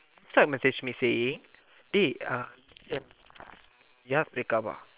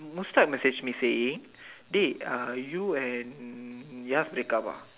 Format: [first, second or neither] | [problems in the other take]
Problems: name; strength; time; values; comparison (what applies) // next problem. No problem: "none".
second | noise reduction (neural separator model SepFormer WHAM!)